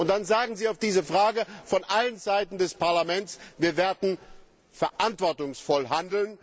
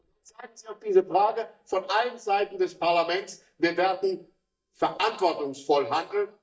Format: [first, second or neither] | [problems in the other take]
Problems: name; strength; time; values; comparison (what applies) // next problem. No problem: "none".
first | noise reduction (neural mask model DeepFilterNet 3)